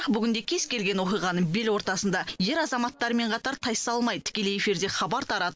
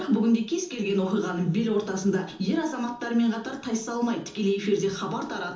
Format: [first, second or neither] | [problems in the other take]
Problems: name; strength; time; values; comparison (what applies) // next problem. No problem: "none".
first | room echo; dies away in 0.6 s